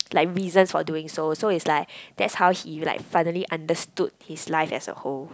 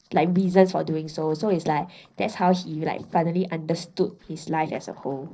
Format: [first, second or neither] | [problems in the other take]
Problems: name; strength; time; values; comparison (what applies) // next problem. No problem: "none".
first | noise reduction (neural separator model SepFormer DNS4)